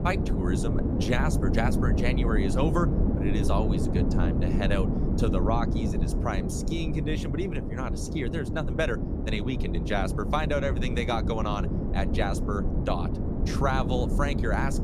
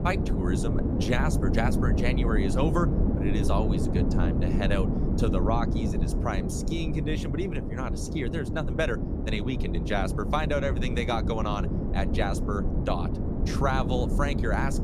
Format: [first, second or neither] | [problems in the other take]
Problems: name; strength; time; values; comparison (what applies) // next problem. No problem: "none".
neither | wind noise on the microphone; heavy; 4 dB below the speech; the same in both